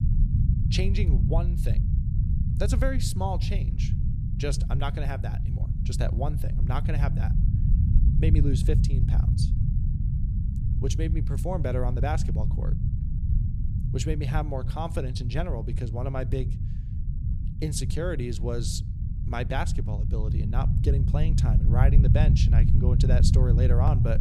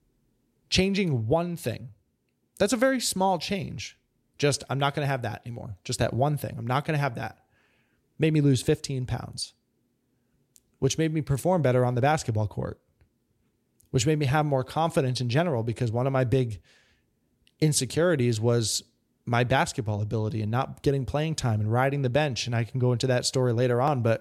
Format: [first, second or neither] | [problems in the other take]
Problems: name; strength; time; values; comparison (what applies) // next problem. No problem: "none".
second | low rumble; loud; throughout; 5 dB below the speech